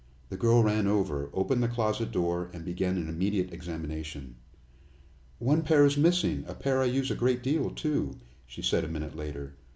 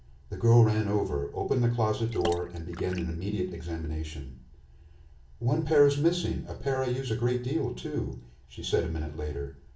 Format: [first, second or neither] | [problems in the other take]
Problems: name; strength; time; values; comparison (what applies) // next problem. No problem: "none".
first | background sound (Water / Splash, splatter); 15 dB below the speech // room echo; dies away in 0.3 s